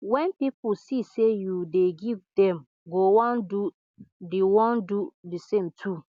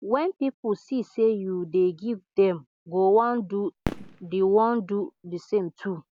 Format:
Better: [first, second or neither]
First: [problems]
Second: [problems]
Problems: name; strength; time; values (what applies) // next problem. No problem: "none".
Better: first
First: none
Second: background sound (Fireworks); 13 dB below the speech